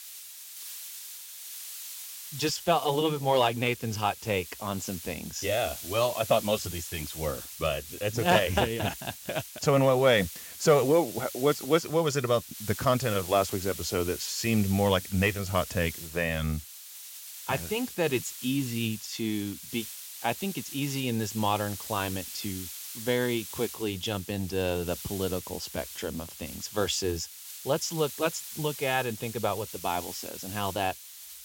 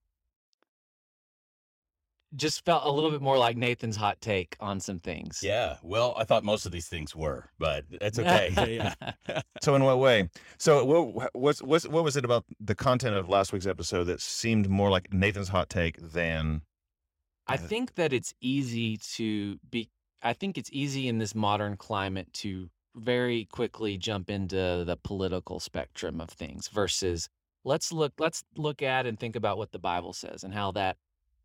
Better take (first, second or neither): second